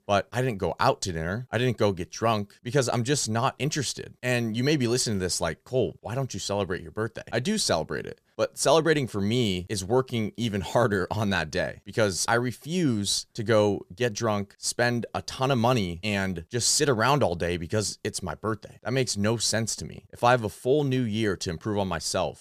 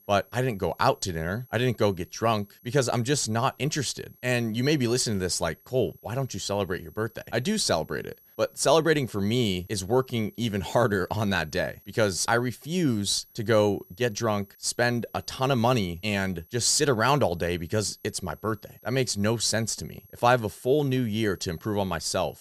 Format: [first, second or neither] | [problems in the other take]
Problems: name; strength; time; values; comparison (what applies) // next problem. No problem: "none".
first | high-pitched whine; faint; throughout; 11.5 kHz, 30 dB below the speech